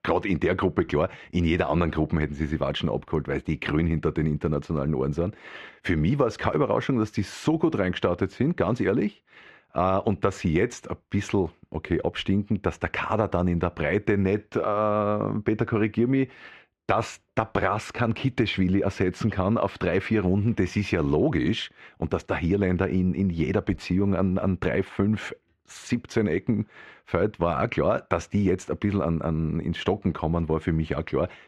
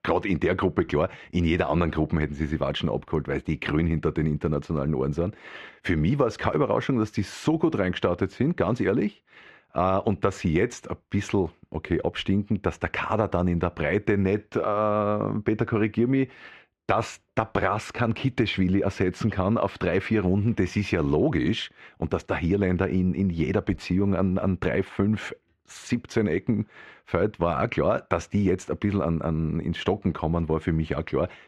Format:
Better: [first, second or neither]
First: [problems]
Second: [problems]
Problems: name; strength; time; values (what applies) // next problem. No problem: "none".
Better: neither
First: muffled; very; fading above 2.5 kHz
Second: muffled; very; fading above 2.5 kHz